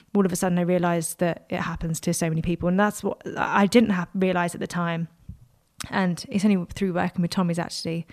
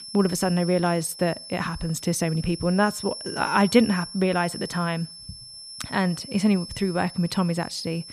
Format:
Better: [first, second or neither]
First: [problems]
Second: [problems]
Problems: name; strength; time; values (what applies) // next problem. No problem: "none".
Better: first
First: none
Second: high-pitched whine; noticeable; throughout; 5.5 kHz, 10 dB below the speech